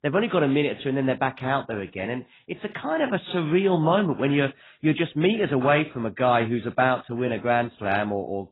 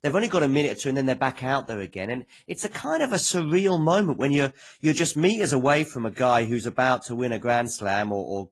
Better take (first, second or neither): second